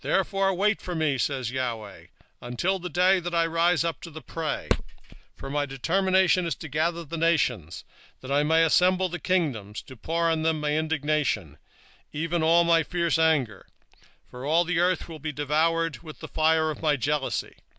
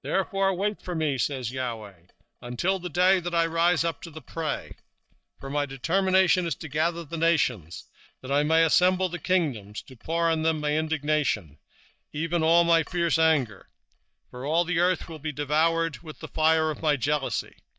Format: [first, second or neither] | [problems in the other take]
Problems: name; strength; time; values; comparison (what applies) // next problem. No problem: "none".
first | noise reduction (neural mask model DeepFilterNet 3)